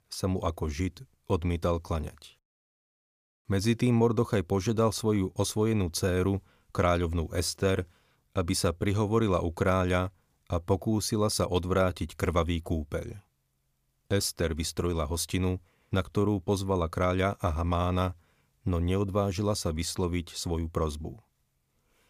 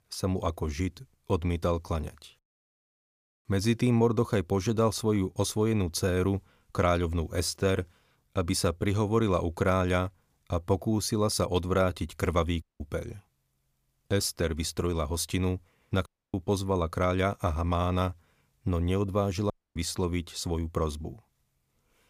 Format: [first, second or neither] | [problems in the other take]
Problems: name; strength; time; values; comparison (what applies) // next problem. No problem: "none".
first | audio cutting out; at 13 s, at 16 s and at 20 s